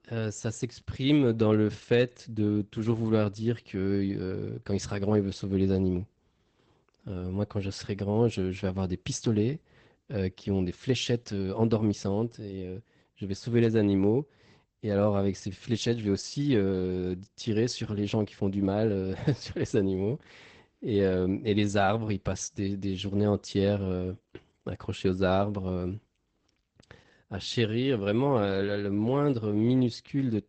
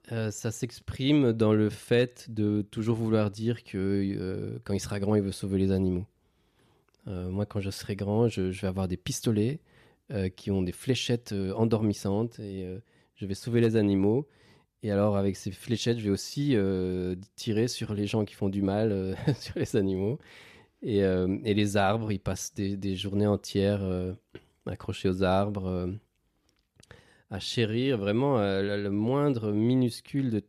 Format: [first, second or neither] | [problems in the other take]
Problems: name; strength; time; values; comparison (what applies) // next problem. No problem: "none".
second | garbled, watery; badly; nothing above 8 kHz